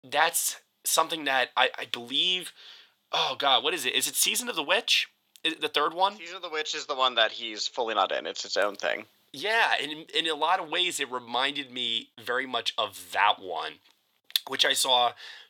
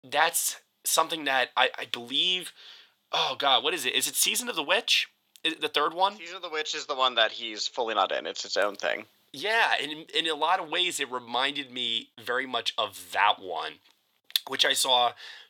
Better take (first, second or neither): neither